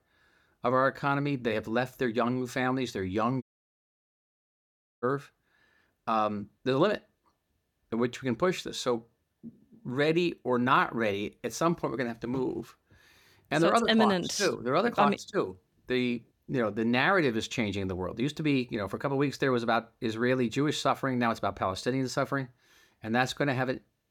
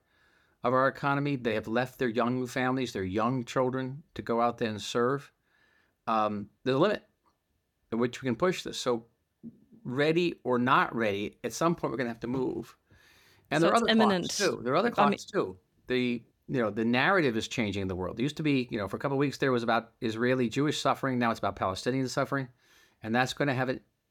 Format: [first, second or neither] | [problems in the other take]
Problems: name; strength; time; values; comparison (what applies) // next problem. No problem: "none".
second | audio cutting out; at 3.5 s for 1.5 s